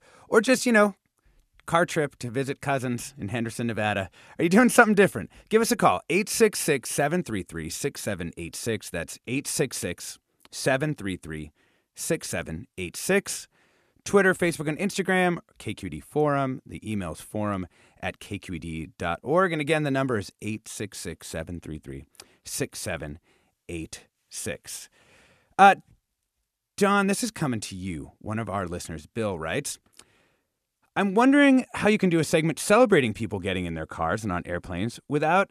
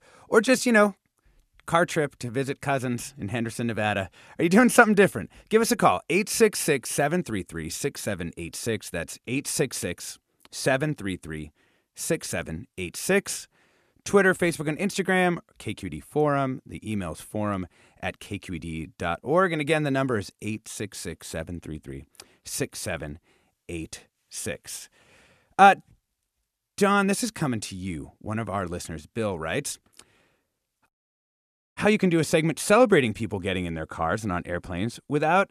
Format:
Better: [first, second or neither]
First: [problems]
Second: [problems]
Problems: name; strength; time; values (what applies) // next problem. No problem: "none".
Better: first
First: none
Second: audio cutting out; at 31 s for 1 s